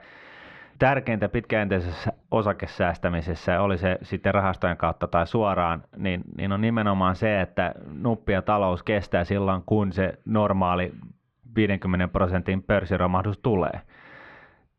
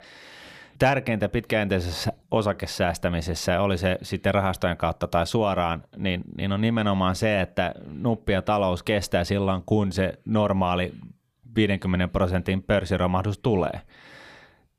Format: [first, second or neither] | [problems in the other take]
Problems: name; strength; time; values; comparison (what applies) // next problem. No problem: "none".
second | muffled; slightly; fading above 2 kHz